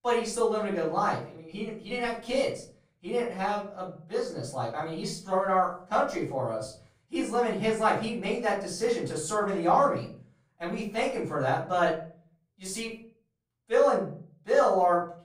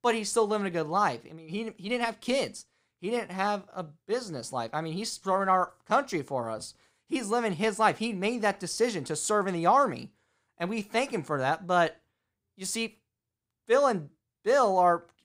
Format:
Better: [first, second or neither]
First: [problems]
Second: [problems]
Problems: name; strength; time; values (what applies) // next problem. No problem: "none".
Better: second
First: off-mic speech; far // room echo; slight; dies away in 0.5 s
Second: none